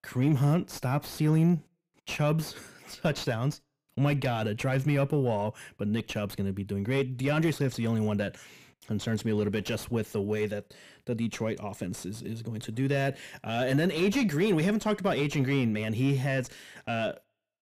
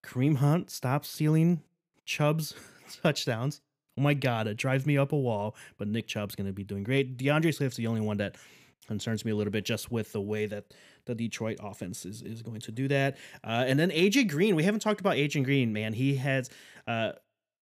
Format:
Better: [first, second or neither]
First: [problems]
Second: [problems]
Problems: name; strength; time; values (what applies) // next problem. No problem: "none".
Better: second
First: distortion; slight; 10 dB below the speech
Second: none